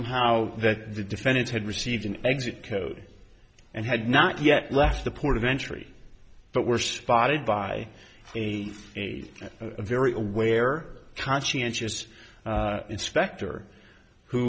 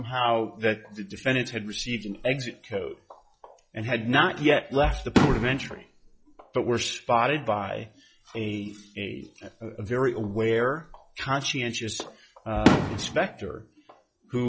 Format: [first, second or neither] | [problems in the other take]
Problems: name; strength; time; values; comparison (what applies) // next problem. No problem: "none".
first | noise reduction (classical method log-MMSE)